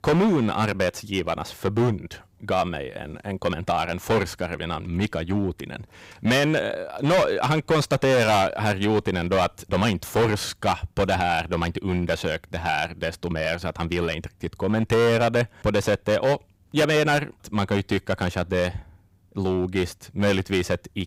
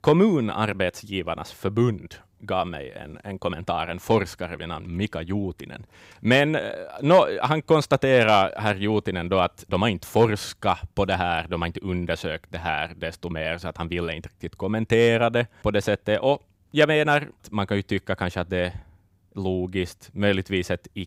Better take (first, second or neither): second